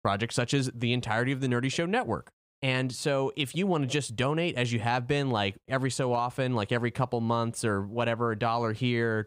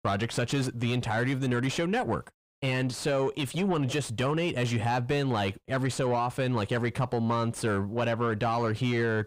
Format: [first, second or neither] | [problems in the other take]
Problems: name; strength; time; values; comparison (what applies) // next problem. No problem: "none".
first | distortion; slight; 10 dB below the speech